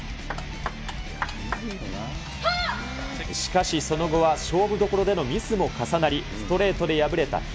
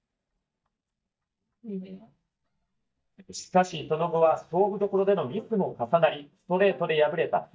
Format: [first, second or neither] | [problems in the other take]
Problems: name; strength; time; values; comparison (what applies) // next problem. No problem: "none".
first | noise reduction (neural mask model DeepFilterNet 3)